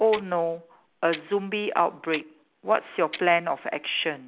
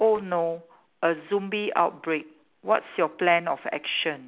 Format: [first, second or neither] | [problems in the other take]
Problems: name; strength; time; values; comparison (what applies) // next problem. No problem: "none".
second | noise reduction (neural mask model Resemble Enhance denoiser)